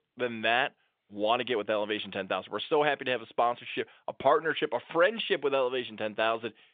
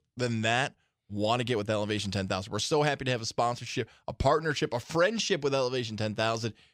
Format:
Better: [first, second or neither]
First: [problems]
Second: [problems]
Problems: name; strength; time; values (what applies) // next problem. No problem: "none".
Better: second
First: phone-call audio; nothing above 3.5 kHz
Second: none